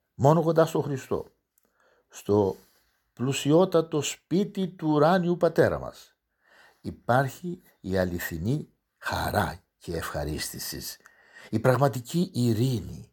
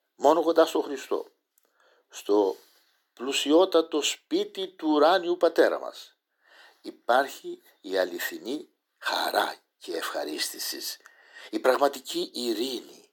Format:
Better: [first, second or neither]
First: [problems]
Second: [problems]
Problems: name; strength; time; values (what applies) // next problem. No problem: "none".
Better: first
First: none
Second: thin; somewhat; fading below 300 Hz